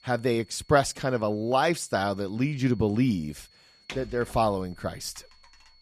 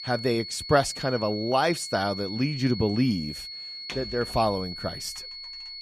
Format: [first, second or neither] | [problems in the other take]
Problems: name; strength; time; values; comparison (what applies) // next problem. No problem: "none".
first | high-pitched whine; loud; throughout; 4.5 kHz, 9 dB below the speech; faint in the first